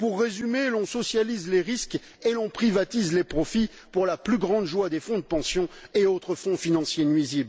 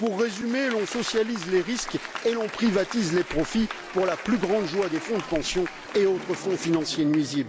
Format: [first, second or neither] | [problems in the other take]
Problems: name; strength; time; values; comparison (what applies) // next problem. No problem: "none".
first | background sound (Applause / Crowd); 12 dB below the speech